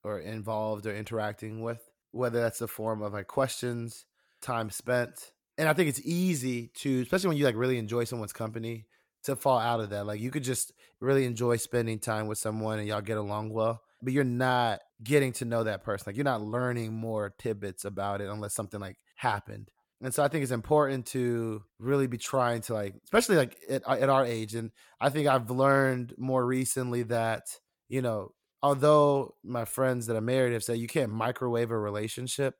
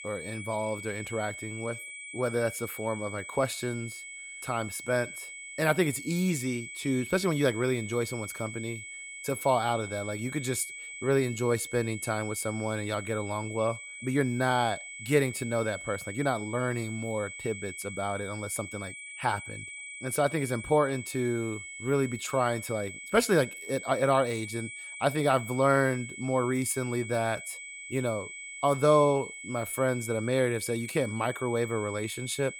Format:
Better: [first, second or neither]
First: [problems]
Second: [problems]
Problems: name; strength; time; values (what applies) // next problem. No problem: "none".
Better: first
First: none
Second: high-pitched whine; loud; throughout; 2 kHz, 10 dB below the speech